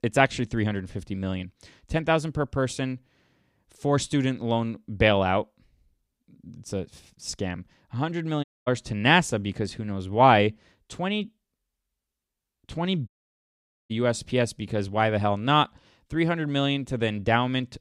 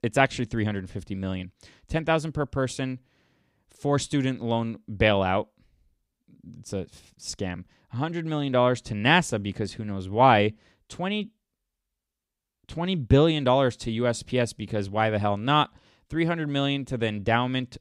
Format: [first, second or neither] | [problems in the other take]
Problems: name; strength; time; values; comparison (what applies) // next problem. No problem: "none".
second | audio cutting out; at 8.5 s and at 13 s for 1 s